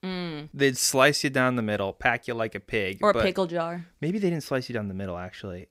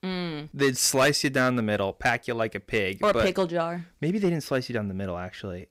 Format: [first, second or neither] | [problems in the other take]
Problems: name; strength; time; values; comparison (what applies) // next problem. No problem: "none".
first | distortion; slight; 3% of the sound clipped